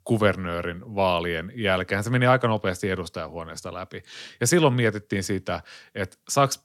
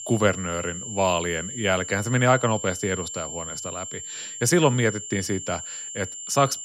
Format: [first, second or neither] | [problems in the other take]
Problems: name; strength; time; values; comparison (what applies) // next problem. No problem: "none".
first | high-pitched whine; loud; throughout; 7.5 kHz, 8 dB below the speech